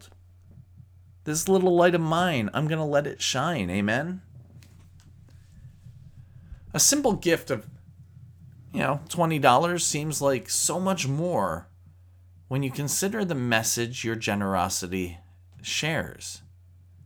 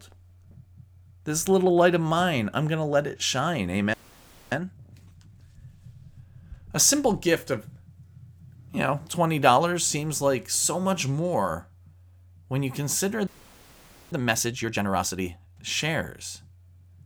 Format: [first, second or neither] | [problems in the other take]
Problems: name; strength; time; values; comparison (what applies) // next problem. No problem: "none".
first | audio freezing; at 4 s for 0.5 s and at 13 s for 1 s